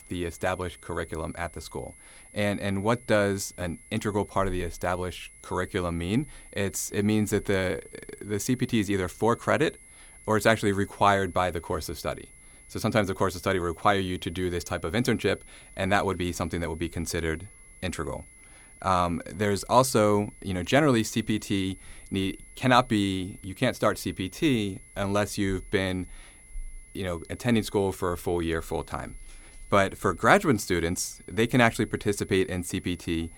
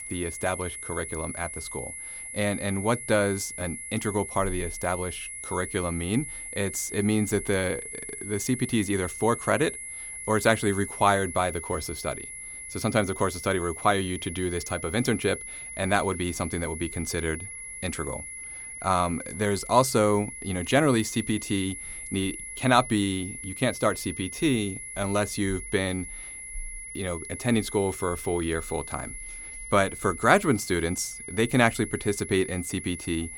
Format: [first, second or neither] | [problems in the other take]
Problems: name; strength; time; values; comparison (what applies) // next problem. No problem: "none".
first | high-pitched whine; loud; throughout; 10.5 kHz, 9 dB below the speech; faint in the first